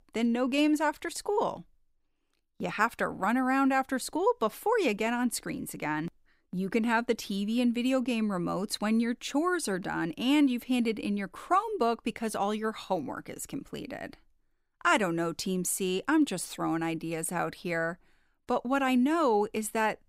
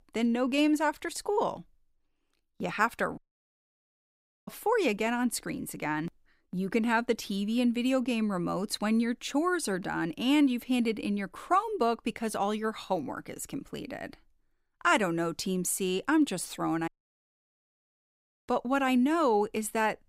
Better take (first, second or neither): first